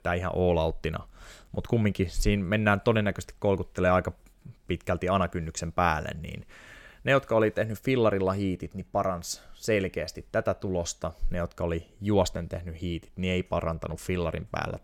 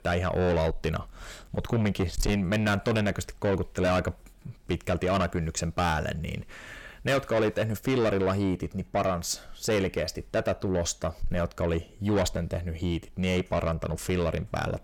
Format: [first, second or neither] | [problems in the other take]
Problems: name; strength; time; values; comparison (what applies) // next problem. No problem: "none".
first | distortion; heavy; 8 dB below the speech